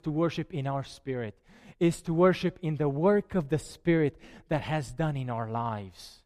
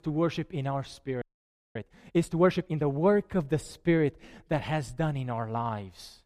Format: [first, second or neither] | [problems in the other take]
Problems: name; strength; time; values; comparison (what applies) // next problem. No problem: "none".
first | audio freezing; at 1 s for 0.5 s